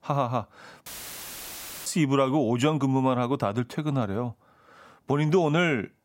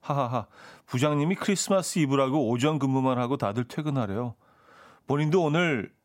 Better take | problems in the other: second | audio cutting out; filled with static; at 1 s for 1 s

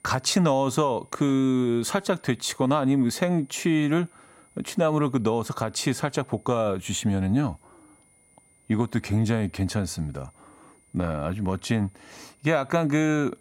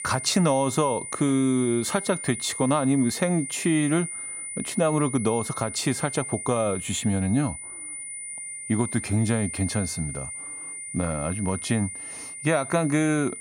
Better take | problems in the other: first | high-pitched whine; loud; throughout; 9.5 kHz, 8 dB below the speech; faint in the first

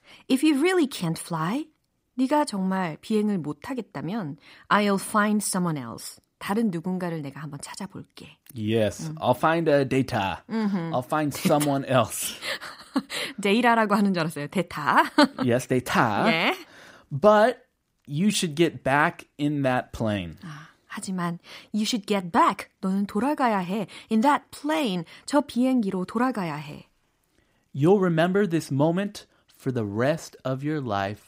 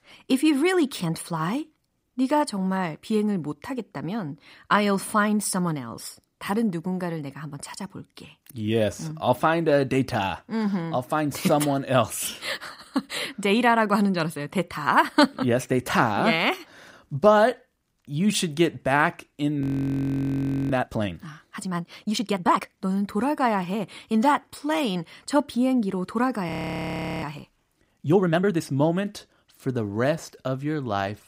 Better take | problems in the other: first | audio freezing; at 20 s for 1 s and at 26 s for 0.5 s

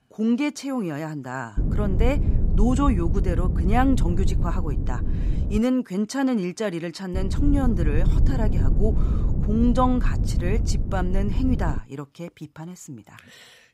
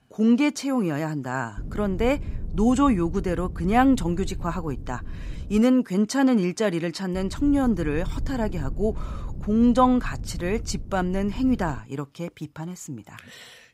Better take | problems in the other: second | low rumble; loud; from 1.5 to 5.5 s and from 7 to 12 s; 9 dB below the speech; faint in the second

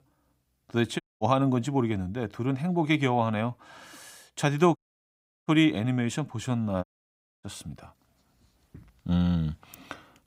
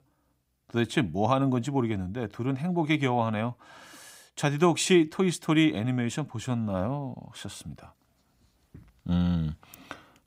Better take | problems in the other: second | audio cutting out; at 1 s, at 5 s for 0.5 s and at 7 s for 0.5 s

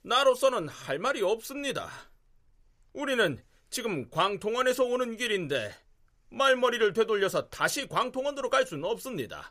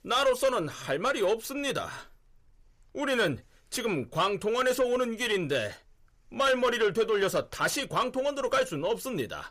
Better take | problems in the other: first | distortion; slight; 10 dB below the speech

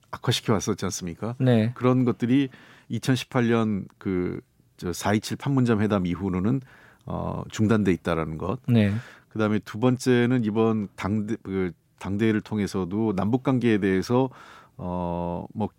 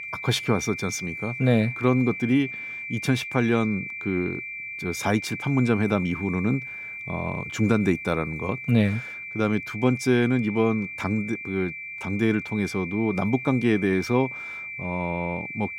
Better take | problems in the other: first | high-pitched whine; loud; throughout; 2.5 kHz, 8 dB below the speech

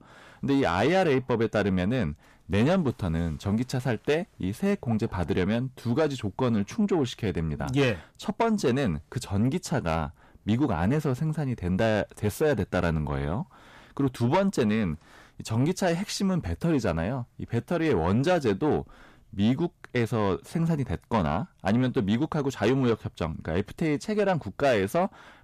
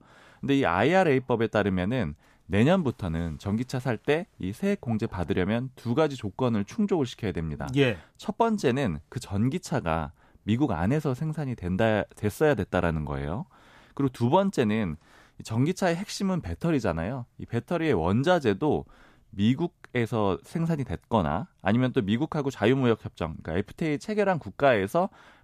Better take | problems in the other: second | distortion; slight; 10 dB below the speech

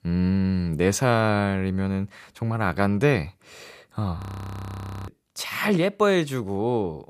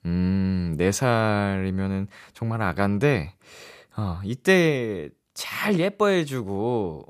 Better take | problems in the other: second | audio freezing; at 4 s for 1 s

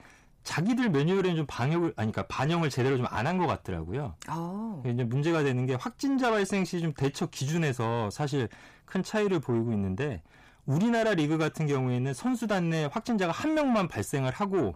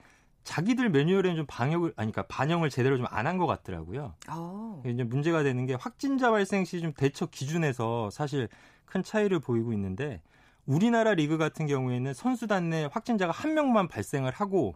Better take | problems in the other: second | distortion; slight; 10 dB below the speech

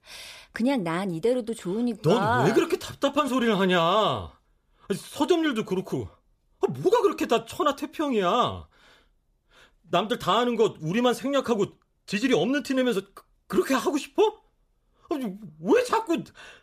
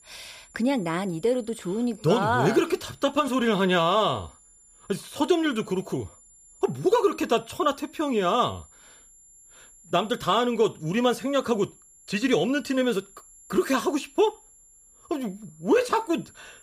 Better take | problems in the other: first | high-pitched whine; faint; throughout; 7.5 kHz, 25 dB below the speech

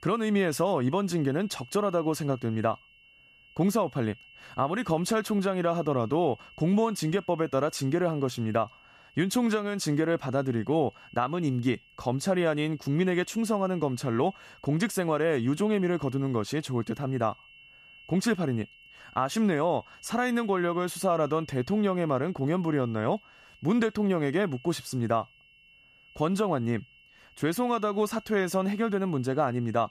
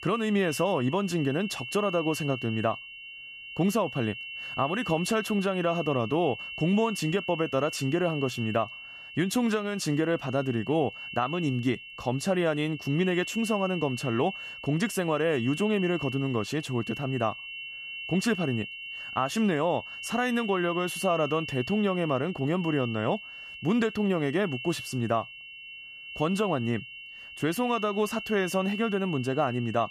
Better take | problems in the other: first | high-pitched whine; loud; throughout; 2.5 kHz, 9 dB below the speech; faint in the first

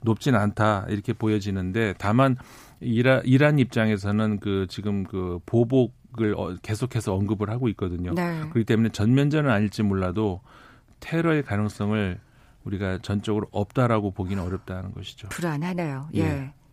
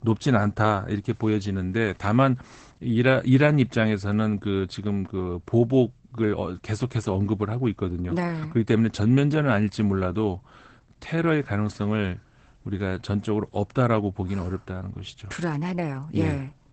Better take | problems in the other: first | garbled, watery; badly; nothing above 8 kHz

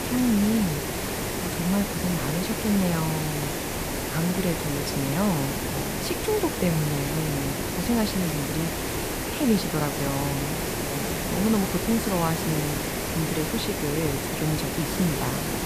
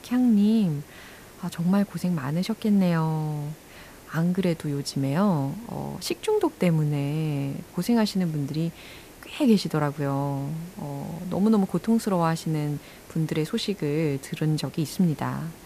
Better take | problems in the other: second | hiss; loud; throughout; 1 dB below the speech; faint in the second

